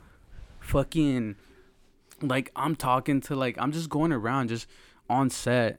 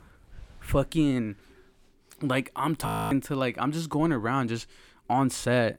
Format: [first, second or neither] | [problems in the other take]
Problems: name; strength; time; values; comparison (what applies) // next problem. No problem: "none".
first | audio freezing; at 3 s